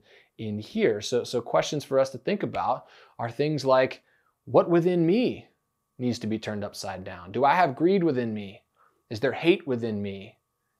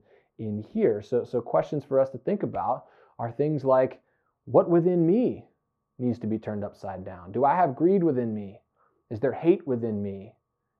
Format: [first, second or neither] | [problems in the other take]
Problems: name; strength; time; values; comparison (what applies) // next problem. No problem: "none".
first | muffled; very; fading above 2 kHz